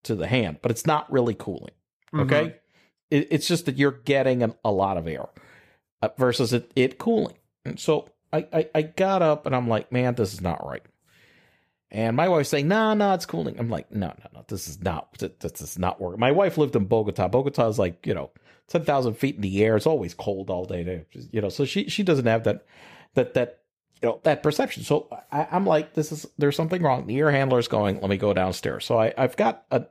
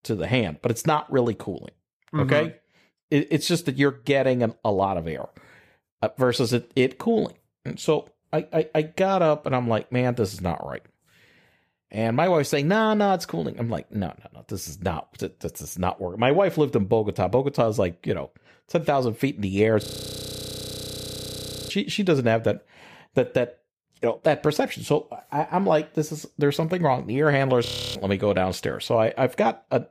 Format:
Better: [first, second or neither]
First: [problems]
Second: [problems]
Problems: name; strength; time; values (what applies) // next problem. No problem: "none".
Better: first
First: none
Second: audio freezing; at 20 s for 2 s and at 28 s